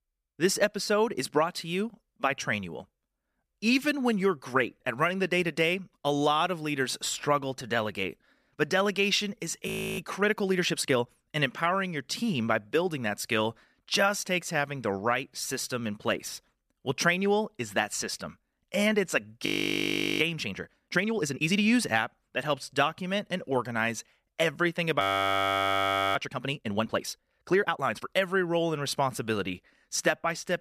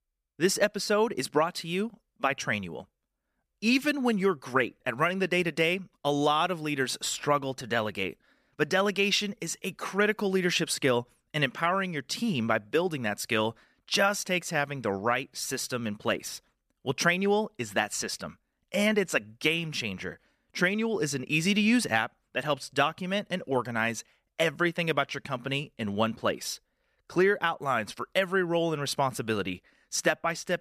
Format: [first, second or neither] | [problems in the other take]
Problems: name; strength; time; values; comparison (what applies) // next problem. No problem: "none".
second | audio freezing; at 9.5 s, at 19 s for 0.5 s and at 25 s for 1 s